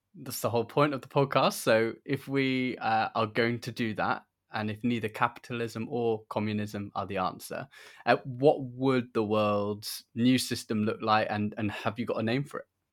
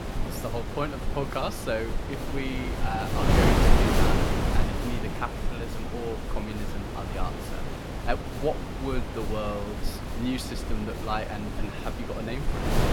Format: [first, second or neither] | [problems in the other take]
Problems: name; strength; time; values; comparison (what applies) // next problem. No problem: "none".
first | wind noise on the microphone; heavy; 1 dB above the speech